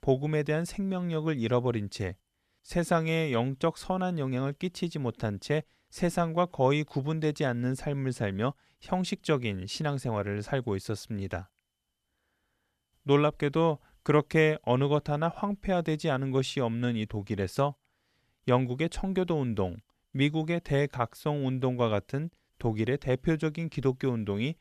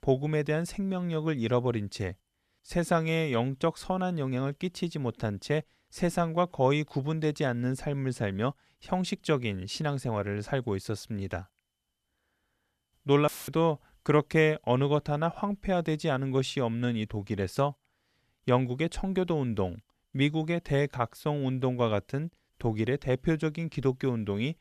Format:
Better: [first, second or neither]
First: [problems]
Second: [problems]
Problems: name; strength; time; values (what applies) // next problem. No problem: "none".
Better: first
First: none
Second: audio cutting out; filled with static; at 13 s